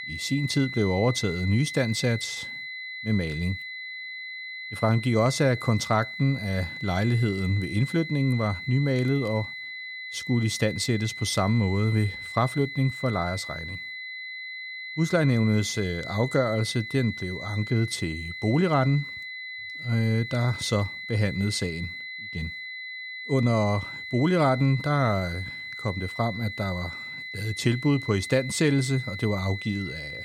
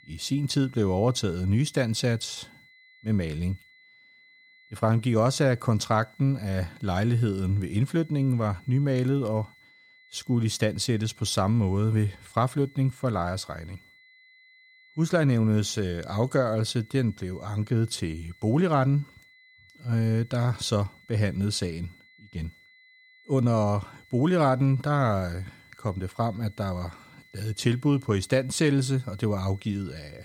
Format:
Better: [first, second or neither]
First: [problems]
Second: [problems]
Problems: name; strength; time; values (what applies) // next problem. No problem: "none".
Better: second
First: high-pitched whine; loud; throughout; 2 kHz, 9 dB below the speech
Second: high-pitched whine; faint; throughout; 2 kHz, 30 dB below the speech